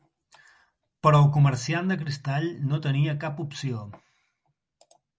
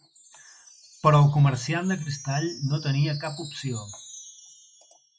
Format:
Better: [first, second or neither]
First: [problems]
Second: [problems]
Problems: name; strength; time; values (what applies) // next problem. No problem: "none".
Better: first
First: none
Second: noise reduction (classical method log-MMSE)